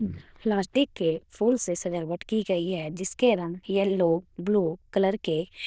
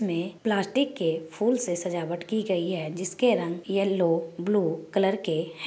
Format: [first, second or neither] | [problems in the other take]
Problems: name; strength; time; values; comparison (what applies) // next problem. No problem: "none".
second | noise reduction (neural diffusion model UNIVERSE++)